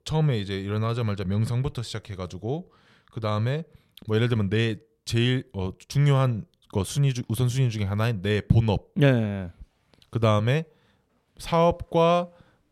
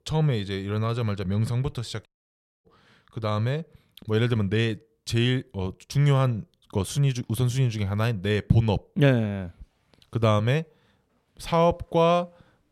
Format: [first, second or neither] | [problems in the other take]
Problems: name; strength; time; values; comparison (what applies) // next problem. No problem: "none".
first | audio cutting out; at 2 s for 0.5 s